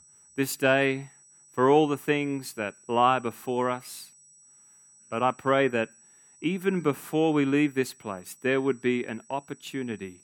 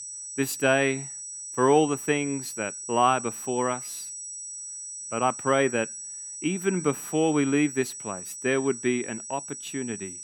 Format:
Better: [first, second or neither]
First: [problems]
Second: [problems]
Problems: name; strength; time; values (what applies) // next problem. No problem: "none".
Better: first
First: high-pitched whine; faint; throughout; 8 kHz, 25 dB below the speech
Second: high-pitched whine; loud; throughout; 8 kHz, 9 dB below the speech